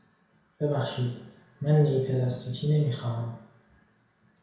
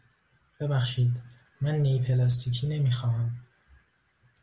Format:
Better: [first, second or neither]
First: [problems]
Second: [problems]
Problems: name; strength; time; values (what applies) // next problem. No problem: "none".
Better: second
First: room echo; dies away in 0.7 s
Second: none